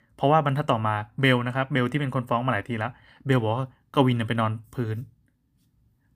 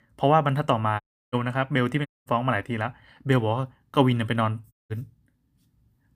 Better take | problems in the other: first | audio cutting out; at 1 s, at 2 s and at 4.5 s

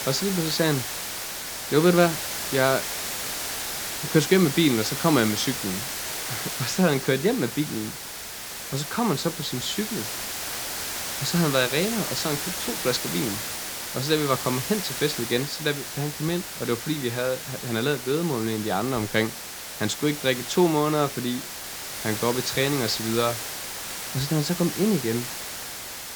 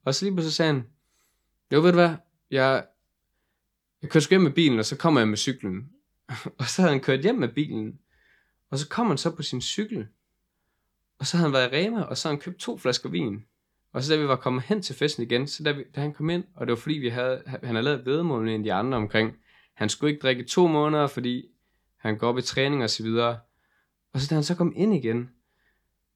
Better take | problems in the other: second | hiss; loud; throughout; 5 dB below the speech

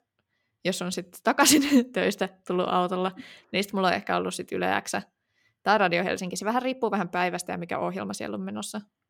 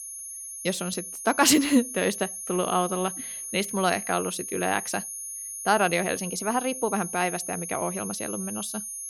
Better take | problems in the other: first | high-pitched whine; loud; throughout; 10.5 kHz, 7 dB below the speech

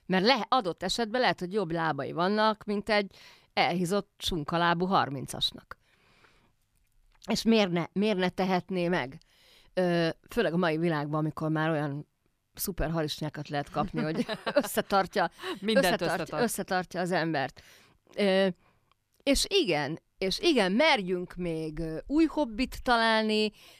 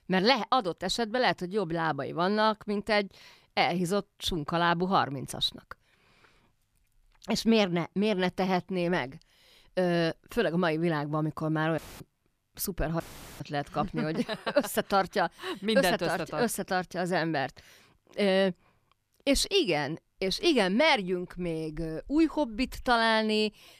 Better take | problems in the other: first | audio cutting out; filled with static; at 12 s and at 13 s

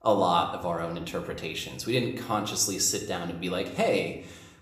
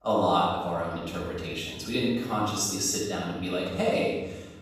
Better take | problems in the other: first | room echo; strong; dies away in 1.1 s; slight in the first // off-mic speech; far

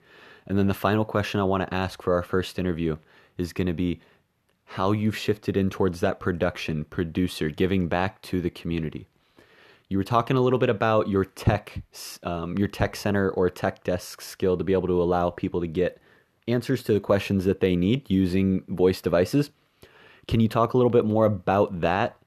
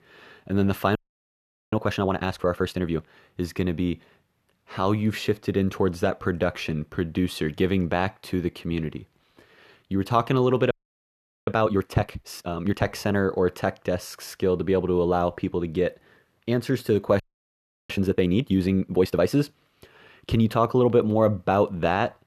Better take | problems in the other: first | audio freezing; at 1 s for 1 s, at 11 s for 1 s and at 17 s for 0.5 s

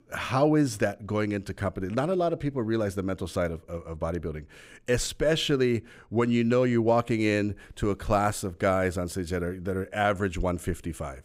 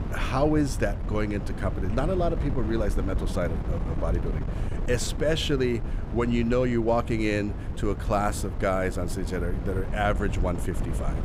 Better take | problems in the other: first | wind noise on the microphone; occasional gusts; 10 dB below the speech

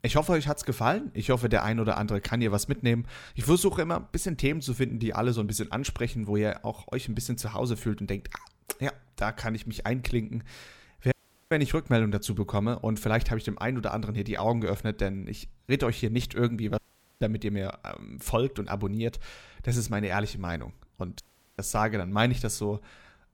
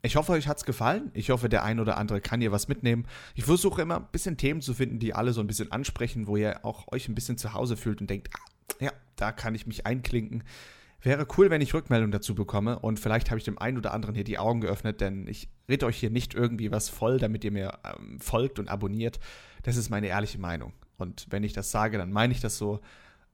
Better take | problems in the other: second | audio cutting out; at 11 s, at 17 s and at 21 s

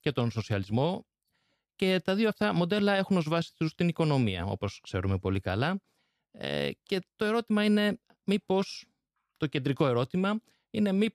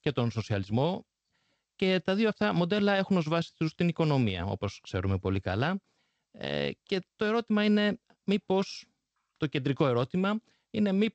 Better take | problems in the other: first | garbled, watery; slightly; nothing above 8 kHz

